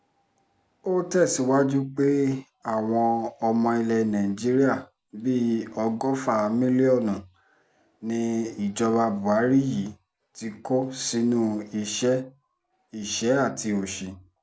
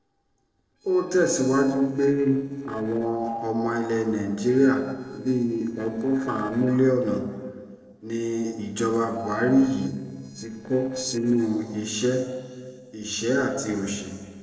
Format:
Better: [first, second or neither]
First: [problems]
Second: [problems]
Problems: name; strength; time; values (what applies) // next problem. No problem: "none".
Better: first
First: none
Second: noise reduction (neural separator model SepFormer DNS4)